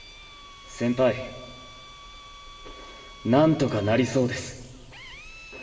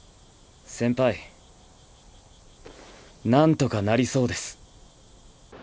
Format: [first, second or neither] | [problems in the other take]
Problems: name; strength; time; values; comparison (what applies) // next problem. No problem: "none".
second | background sound (Drill); 19 dB below the speech // room echo; dies away in 1.6 s